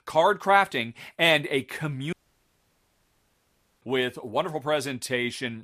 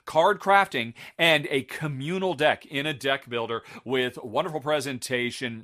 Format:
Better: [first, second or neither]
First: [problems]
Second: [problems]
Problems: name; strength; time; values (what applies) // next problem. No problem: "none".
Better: second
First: audio cutting out; at 2 s for 1.5 s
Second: none